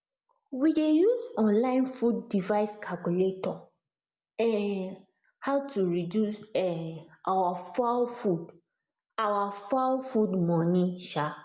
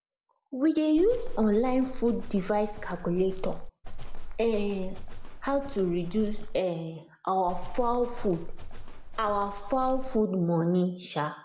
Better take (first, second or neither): first